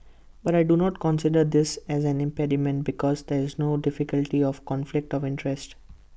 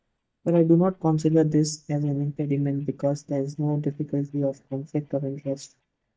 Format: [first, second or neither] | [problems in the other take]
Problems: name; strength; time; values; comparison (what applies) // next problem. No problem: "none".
first | noise reduction (neural mask model DeepFilterNet 3)